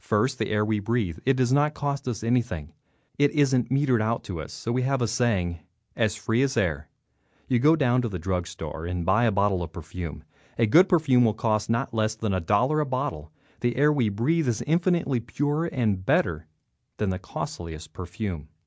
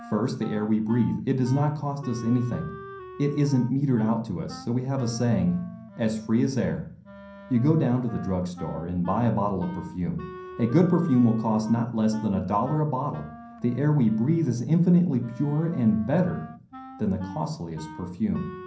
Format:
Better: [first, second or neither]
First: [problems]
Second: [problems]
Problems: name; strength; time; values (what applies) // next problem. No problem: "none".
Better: first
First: none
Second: background sound (Wind instrument, woodwind instrument); 18 dB below the speech // room echo; dies away in 0.6 s